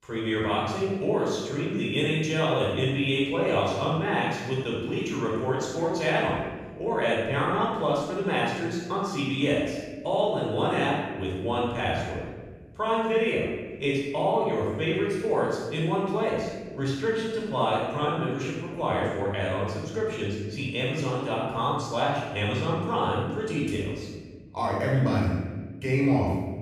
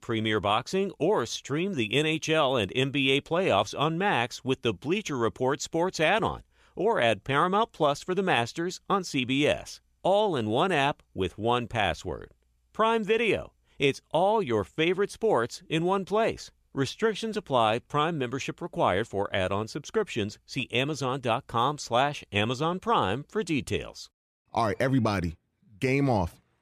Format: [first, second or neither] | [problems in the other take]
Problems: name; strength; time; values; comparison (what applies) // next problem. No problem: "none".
second | off-mic speech; far // room echo; strong; dies away in 1.4 s